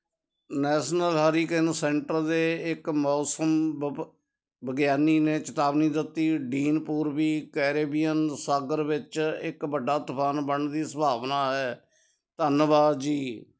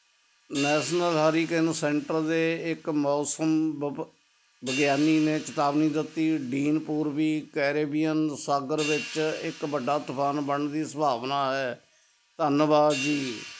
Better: first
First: none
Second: background sound (Hi-hat); 15 dB below the speech

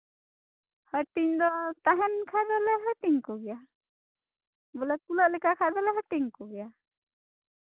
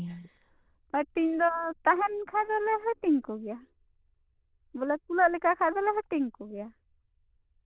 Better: first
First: none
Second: noise reduction (neural diffusion model UNIVERSE++)

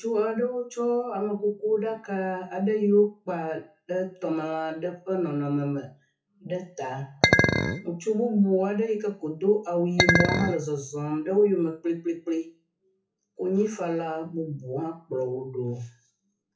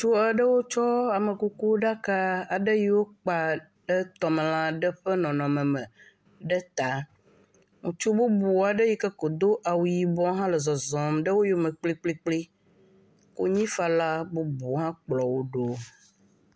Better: second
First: noise reduction (classical method WPE with log-MMSE)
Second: none

